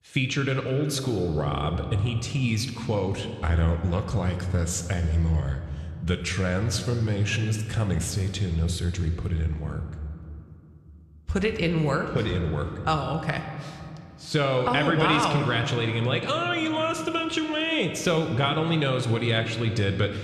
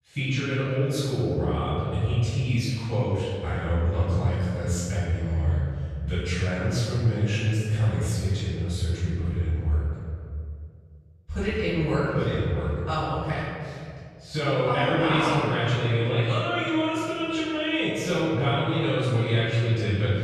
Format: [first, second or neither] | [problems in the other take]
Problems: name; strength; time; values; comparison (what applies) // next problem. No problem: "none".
first | room echo; strong; dies away in 2.2 s; slight in the first // off-mic speech; far